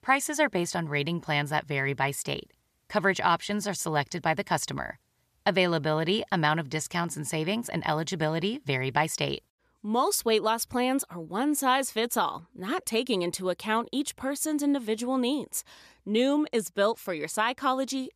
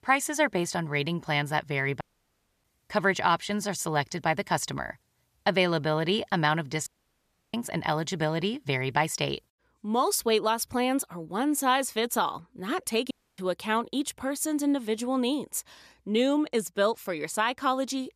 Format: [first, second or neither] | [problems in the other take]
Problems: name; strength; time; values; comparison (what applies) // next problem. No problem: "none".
first | audio cutting out; at 2 s for 0.5 s, at 7 s for 0.5 s and at 13 s